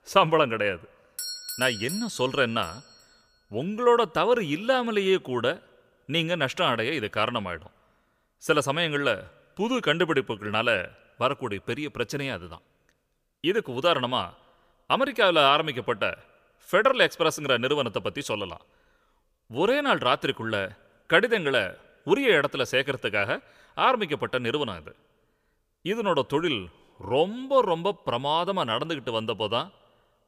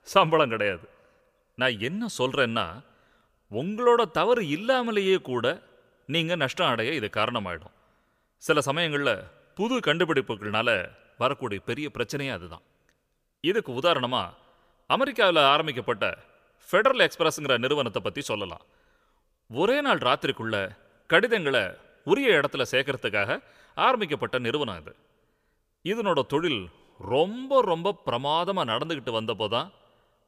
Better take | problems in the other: second | doorbell; noticeable; from 1 to 3 s; peak 7 dB below the speech

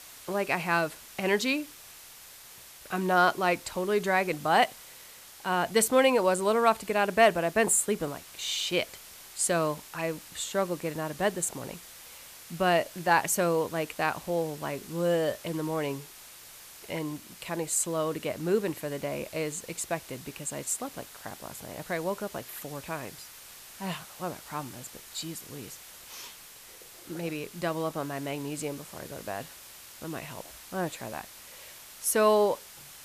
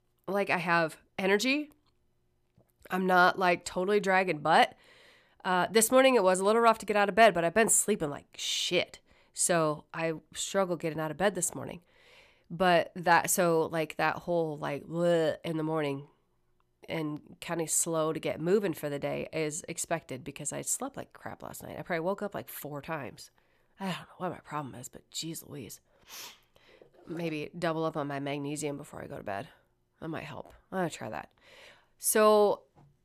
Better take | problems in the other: second | hiss; noticeable; throughout; 15 dB below the speech

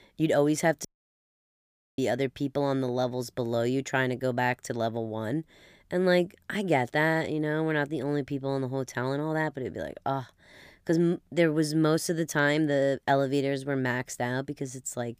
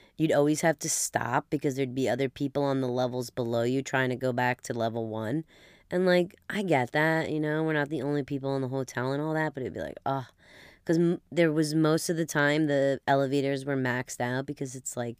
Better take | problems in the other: second | audio cutting out; at 1 s for 1 s

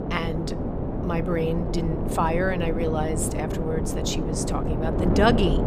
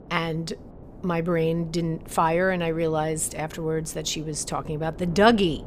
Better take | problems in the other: second | wind noise on the microphone; heavy; 5 dB below the speech; occasional gusts in the second

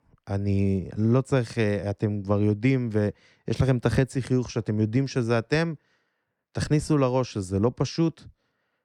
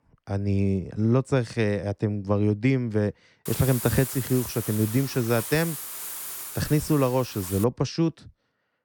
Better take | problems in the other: first | hiss; loud; from 3.5 to 7.5 s; 8 dB below the speech

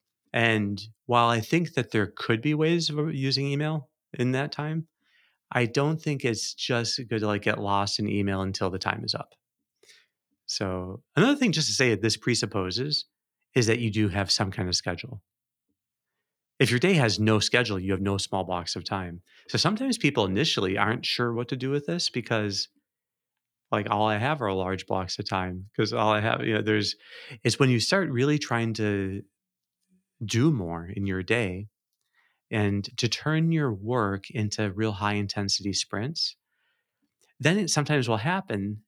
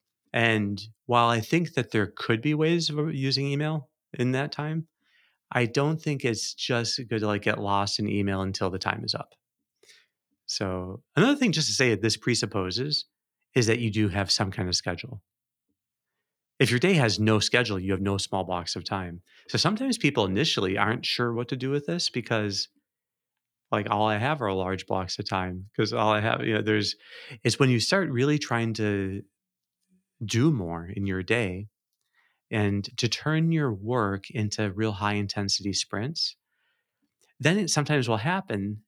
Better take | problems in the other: neither | none

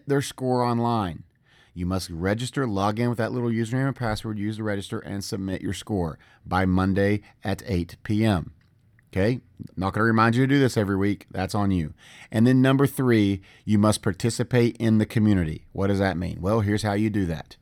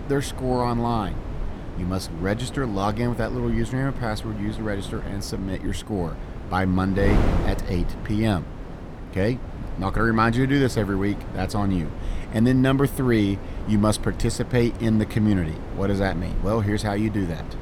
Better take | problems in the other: first | wind noise on the microphone; occasional gusts; 10 dB below the speech

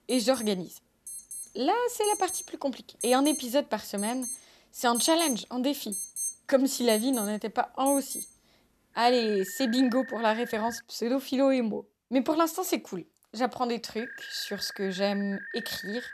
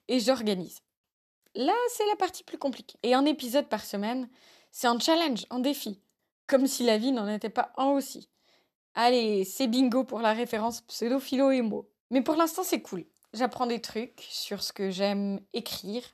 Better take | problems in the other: second | alarms or sirens; loud; throughout; 8 dB below the speech

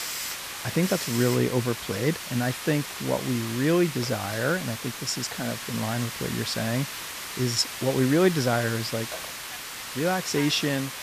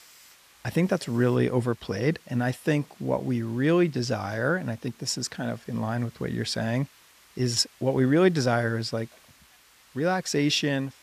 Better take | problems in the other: second | hiss; loud; throughout; 7 dB below the speech; faint in the second

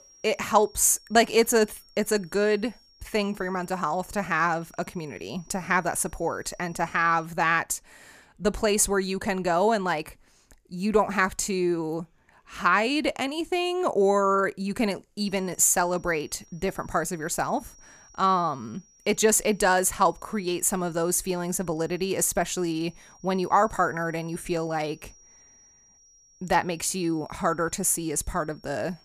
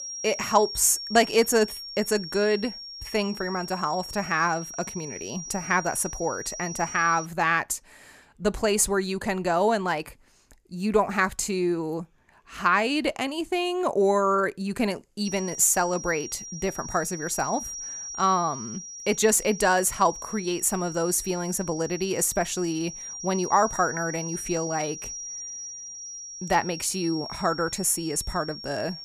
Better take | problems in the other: first | high-pitched whine; loud; until 7.5 s and from 15 s on; 5.5 kHz, 10 dB below the speech; faint in the first

